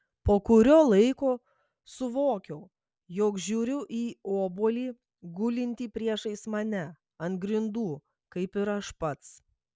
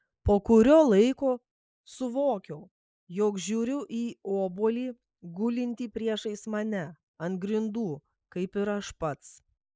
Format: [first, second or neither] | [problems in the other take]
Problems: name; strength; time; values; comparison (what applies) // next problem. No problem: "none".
first | noise reduction (neural mask model Resemble Enhance denoiser)